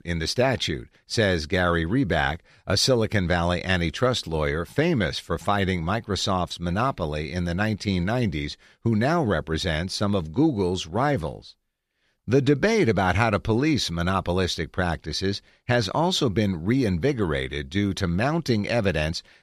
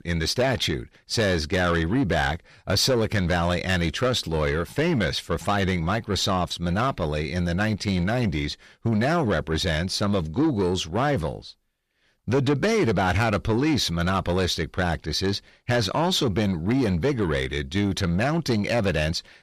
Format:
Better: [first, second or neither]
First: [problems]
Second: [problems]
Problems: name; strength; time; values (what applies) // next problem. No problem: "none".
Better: first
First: none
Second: distortion; slight; 10 dB below the speech